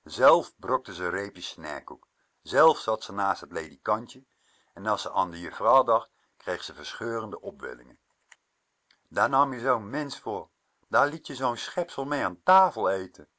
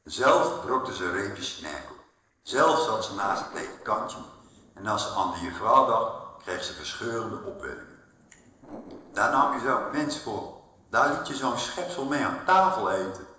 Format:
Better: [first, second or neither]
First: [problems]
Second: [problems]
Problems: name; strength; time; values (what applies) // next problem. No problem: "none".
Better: first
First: none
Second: noise reduction (neural separator model SepFormer DNS4)